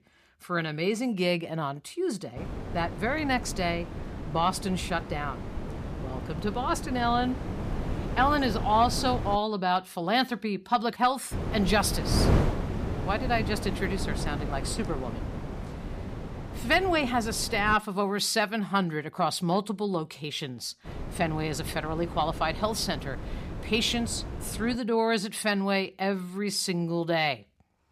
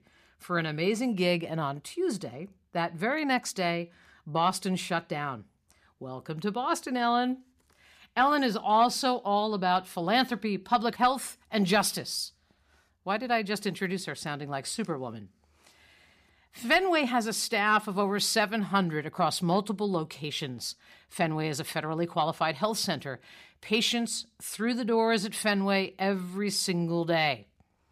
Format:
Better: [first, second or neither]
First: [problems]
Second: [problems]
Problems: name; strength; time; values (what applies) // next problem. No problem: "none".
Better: second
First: wind noise on the microphone; occasional gusts; from 2.5 to 9.5 s, from 11 to 18 s and from 21 to 25 s; 10 dB below the speech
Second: none